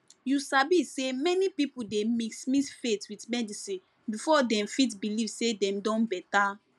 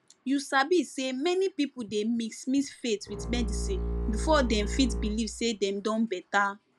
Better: first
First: none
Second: background sound (Bowed string instrument); 4 dB below the speech

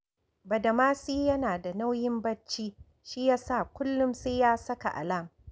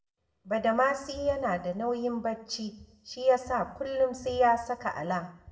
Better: first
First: none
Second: room echo; dies away in 0.6 s

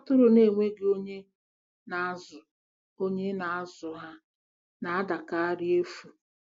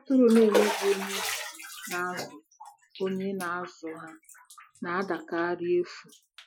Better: first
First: none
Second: noise reduction (classical method Wiener filter)

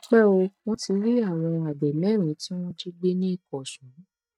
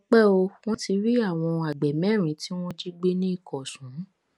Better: second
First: noise reduction (neural mask model DeepFilterNet 3)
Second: none

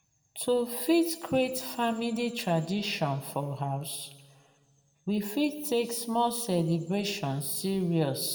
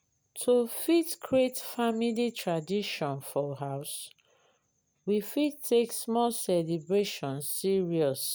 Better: second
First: room echo; dies away in 1.1 s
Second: none

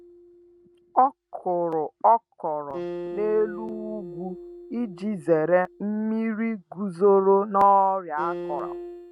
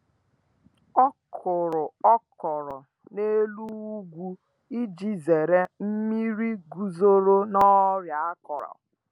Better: second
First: noise reduction (neural mask model RNNoise)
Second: none

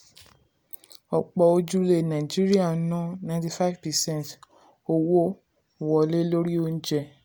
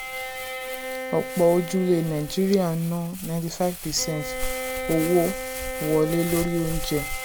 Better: first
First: none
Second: background sound (Crumpling, crinkling + Bowed string instrument); 7 dB below the speech

